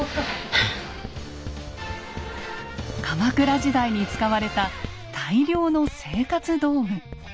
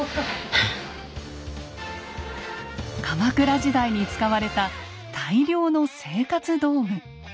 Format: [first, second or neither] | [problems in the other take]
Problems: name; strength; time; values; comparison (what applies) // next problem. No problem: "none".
second | background sound (Writing); 15 dB below the speech